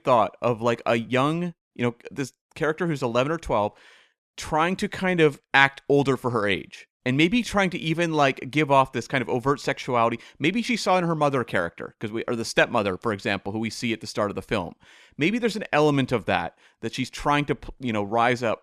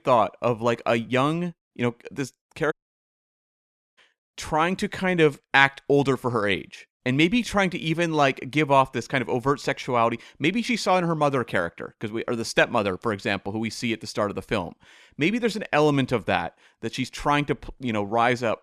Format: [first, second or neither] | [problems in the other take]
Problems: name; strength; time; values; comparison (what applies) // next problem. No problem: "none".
first | audio cutting out; at 2.5 s for 1.5 s